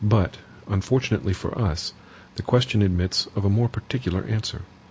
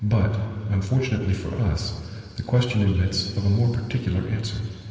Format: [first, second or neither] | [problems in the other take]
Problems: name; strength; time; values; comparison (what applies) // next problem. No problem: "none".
first | room echo; dies away in 2.5 s